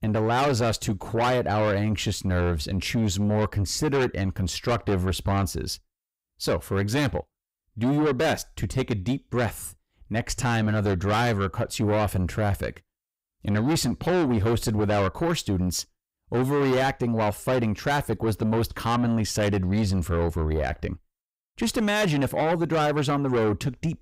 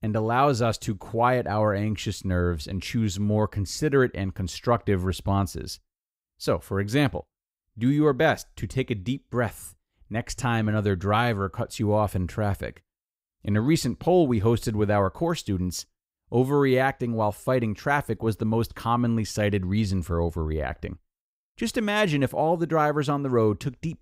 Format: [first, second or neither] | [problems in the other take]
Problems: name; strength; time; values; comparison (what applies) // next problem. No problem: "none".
second | distortion; heavy; 7 dB below the speech